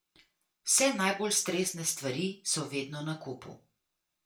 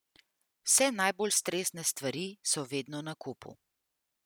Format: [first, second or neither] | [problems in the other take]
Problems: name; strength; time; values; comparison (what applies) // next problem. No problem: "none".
second | room echo; dies away in 0.3 s